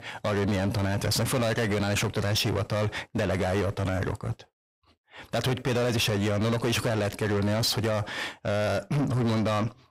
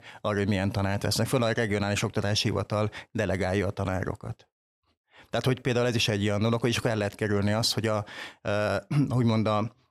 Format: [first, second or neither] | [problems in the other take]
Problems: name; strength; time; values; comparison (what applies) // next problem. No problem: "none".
second | distortion; heavy; 7 dB below the speech